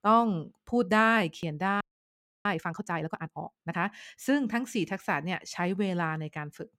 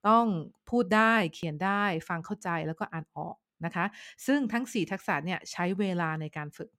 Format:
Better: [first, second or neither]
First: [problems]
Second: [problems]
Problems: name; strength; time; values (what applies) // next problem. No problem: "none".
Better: second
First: audio freezing; at 2 s for 0.5 s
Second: none